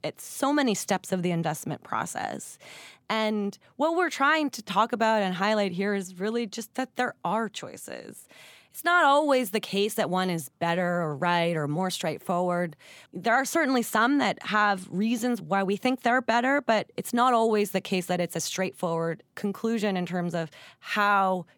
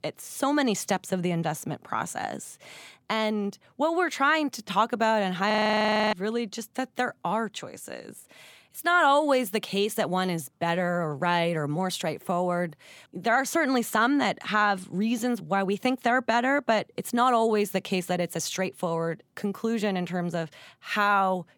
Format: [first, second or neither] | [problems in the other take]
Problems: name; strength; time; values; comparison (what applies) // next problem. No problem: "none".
first | audio freezing; at 5.5 s for 0.5 s